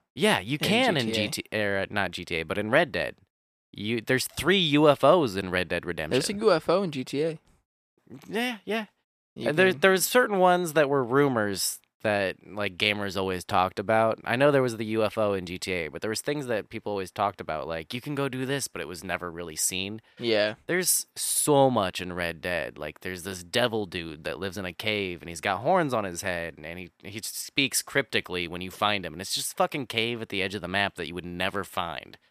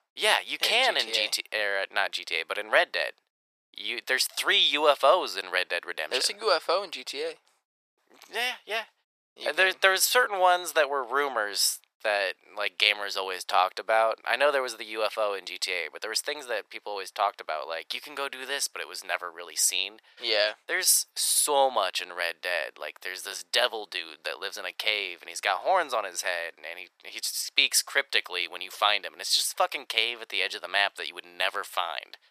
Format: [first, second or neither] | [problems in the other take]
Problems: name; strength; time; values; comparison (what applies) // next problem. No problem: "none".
first | thin; very; fading below 600 Hz